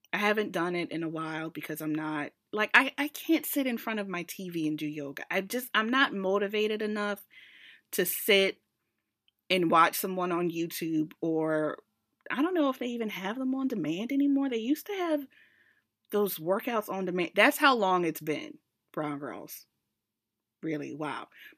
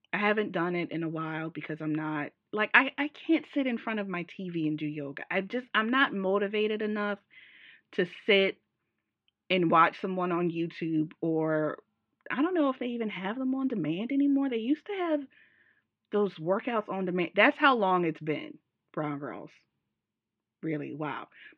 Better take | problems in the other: first | muffled; very; fading above 3 kHz

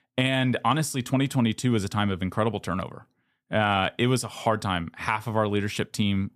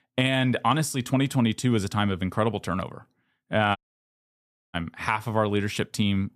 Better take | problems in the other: first | audio cutting out; at 4 s for 1 s

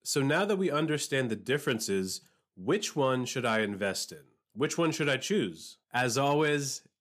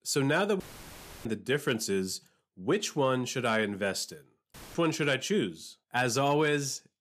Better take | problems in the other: first | audio cutting out; filled with static; at 0.5 s for 0.5 s and at 4.5 s

